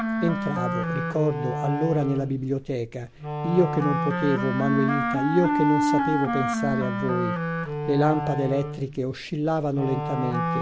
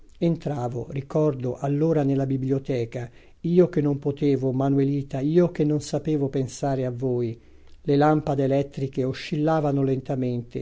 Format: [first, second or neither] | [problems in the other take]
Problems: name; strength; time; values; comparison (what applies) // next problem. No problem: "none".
second | background sound (Wind instrument, woodwind instrument); 1 dB below the speech